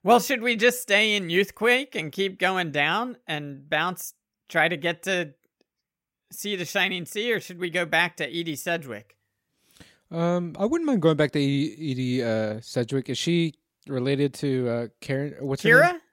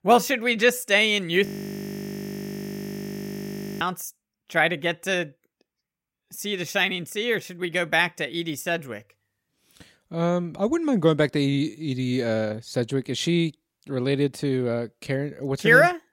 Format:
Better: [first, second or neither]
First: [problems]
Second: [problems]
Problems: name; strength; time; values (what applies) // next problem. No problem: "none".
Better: first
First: none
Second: audio freezing; at 1.5 s for 2.5 s